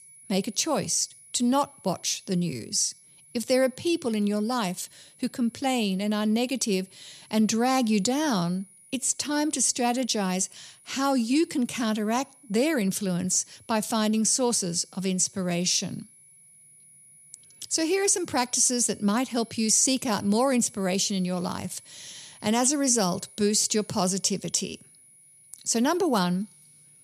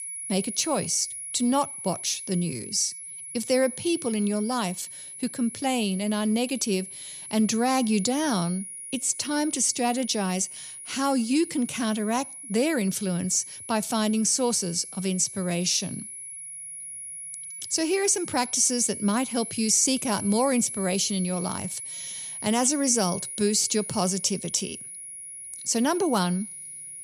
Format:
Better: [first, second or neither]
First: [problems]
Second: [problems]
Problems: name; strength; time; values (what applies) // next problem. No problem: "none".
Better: first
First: high-pitched whine; faint; throughout; 10.5 kHz, 25 dB below the speech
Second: high-pitched whine; loud; throughout; 10.5 kHz, 10 dB below the speech